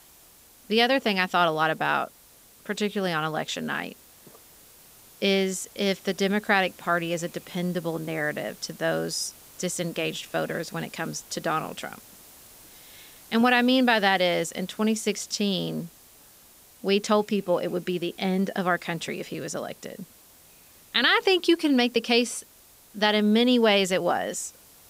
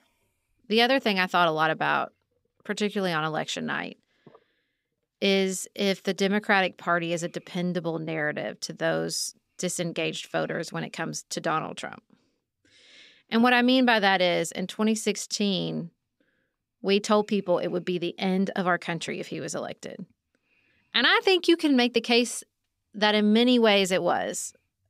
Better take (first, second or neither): second